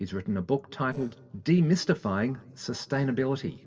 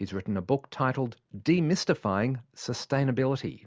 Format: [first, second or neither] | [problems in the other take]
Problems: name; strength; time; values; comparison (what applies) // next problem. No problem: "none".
second | noise reduction (neural separator model SepFormer DNS4)